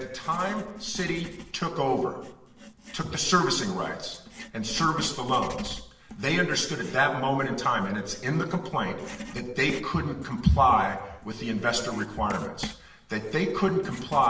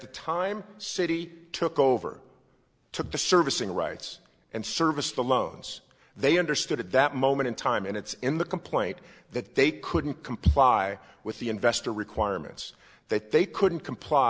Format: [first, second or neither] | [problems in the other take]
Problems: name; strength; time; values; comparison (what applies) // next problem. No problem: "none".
second | background sound (Writing); 16 dB below the speech // room echo; dies away in 0.9 s